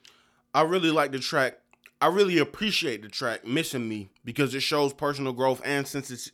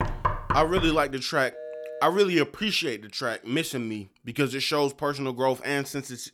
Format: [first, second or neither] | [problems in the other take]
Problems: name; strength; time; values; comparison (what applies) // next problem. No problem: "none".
first | door banging; noticeable; at the start; peak 1 dB below the speech // phone ringing; faint; at 1.5 s; peak 10 dB below the speech